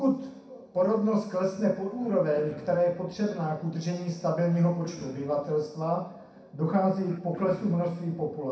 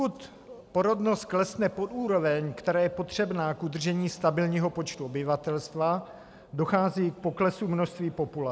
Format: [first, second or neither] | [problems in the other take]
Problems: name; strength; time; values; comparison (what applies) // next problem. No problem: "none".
second | background sound (Cough); 18 dB below the speech // room echo; dies away in 0.6 s